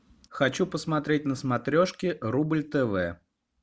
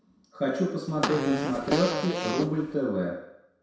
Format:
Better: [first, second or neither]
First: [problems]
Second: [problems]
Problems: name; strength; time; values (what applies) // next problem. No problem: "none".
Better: first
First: none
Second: background sound (Fart); 3 dB below the speech // room echo; dies away in 0.7 s